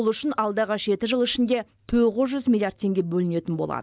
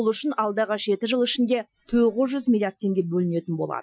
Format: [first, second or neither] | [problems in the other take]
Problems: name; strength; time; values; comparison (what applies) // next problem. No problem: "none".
first | noise reduction (classical method Wiener filter)